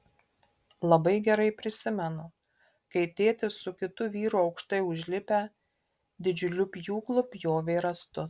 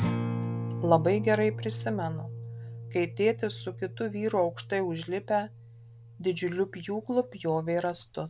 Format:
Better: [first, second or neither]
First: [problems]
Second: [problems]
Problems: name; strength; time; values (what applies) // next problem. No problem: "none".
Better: first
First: none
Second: background sound (Acoustic guitar); 7 dB below the speech